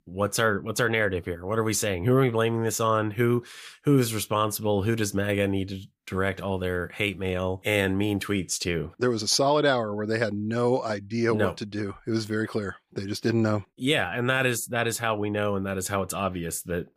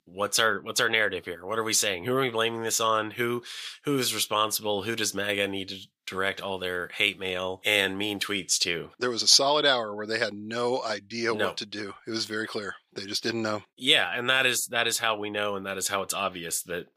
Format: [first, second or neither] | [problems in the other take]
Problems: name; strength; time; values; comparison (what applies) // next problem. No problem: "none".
first | thin; somewhat; fading below 1 kHz